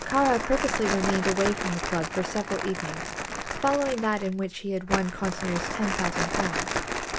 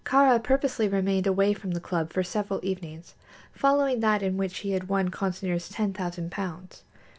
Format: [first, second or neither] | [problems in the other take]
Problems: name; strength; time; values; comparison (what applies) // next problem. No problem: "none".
second | background sound (Crumpling, crinkling); 3 dB below the speech